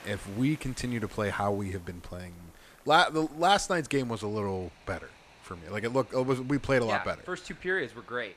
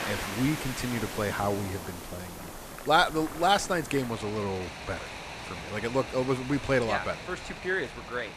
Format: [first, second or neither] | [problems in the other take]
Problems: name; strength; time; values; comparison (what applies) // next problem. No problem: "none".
first | rain or running water; loud; throughout; 9 dB below the speech; faint in the first